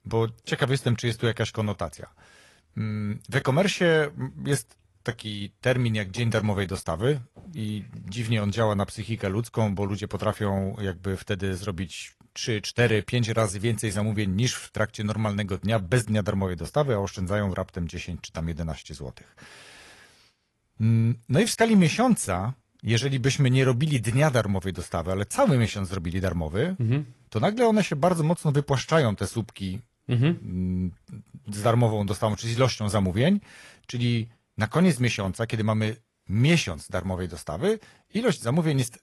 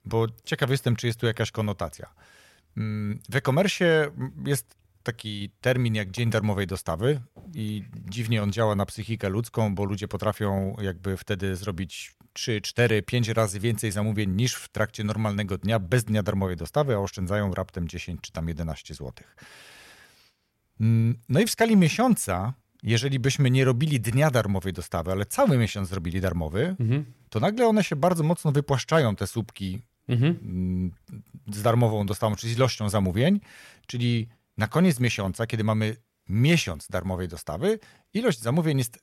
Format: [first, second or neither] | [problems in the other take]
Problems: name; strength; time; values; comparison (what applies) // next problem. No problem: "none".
second | garbled, watery; slightly; nothing above 11.5 kHz